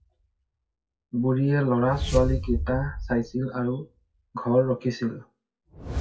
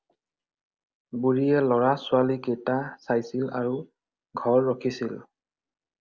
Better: second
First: noise reduction (classical method WPE with log-MMSE)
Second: none

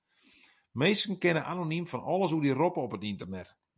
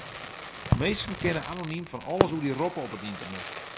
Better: first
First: none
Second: background sound (Fireworks); as loud as the speech

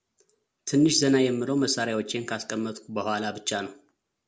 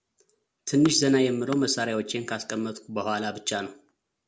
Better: first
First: none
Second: background sound (Tools); 19 dB below the speech

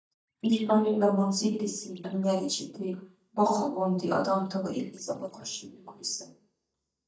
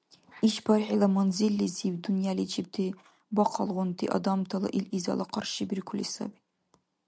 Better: second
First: noise reduction (neural mask model DeepFilterNet 3)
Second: none

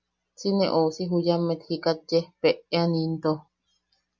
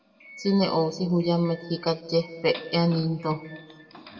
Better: first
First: none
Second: background sound (Doorbell); 20 dB below the speech // room echo; dies away in 1.1 s

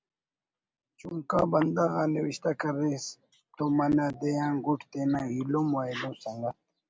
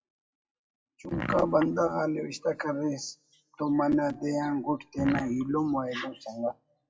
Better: first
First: none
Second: noise reduction (classical method WPE with log-MMSE)

